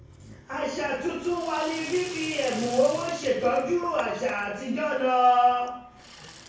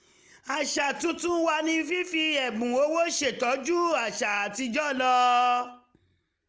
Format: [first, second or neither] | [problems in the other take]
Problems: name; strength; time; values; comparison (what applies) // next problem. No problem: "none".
second | background sound (Sink (filling or washing) / Water tap, faucet); 17 dB below the speech // room echo; dies away in 0.6 s